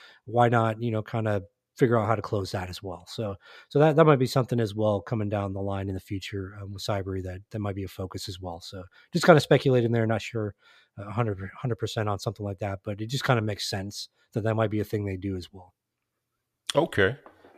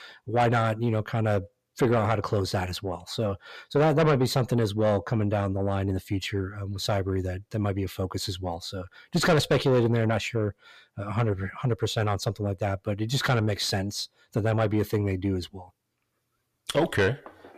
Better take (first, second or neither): first